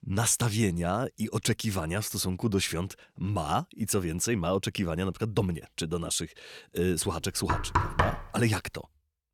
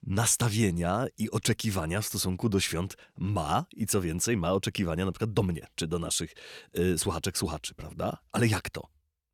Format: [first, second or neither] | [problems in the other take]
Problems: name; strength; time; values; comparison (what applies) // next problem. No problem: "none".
second | door banging; loud; at 7.5 s; peak 3 dB above the speech